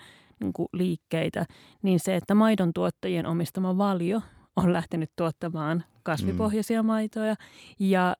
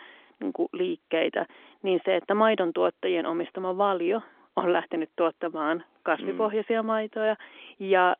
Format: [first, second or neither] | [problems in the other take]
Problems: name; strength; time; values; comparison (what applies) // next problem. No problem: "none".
first | phone-call audio; nothing above 3.5 kHz